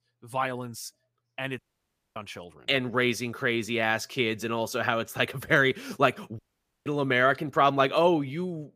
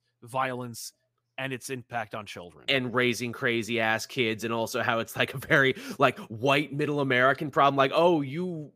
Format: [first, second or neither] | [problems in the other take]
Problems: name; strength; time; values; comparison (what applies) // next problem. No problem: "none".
second | audio cutting out; at 1.5 s for 0.5 s and at 6.5 s